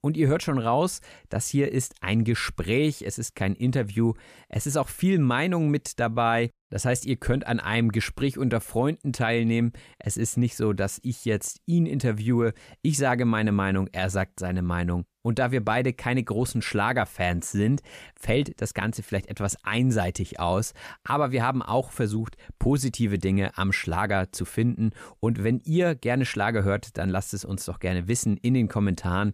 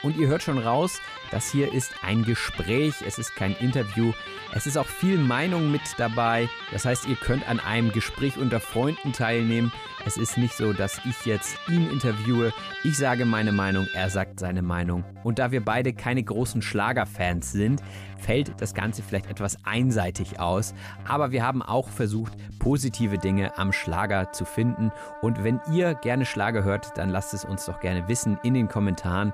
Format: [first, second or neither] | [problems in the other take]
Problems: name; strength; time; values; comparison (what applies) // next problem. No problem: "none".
first | background music; noticeable; throughout; 10 dB below the speech